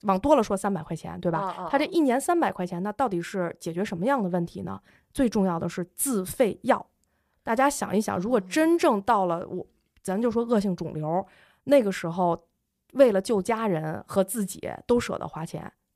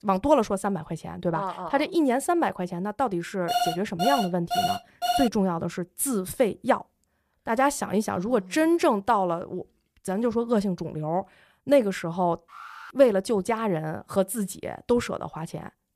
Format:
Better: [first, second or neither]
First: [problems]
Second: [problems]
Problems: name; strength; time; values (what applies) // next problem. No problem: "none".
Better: first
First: none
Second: alarm; noticeable; from 3.5 to 5.5 s; peak 1 dB below the speech // alarm; faint; at 12 s; peak 15 dB below the speech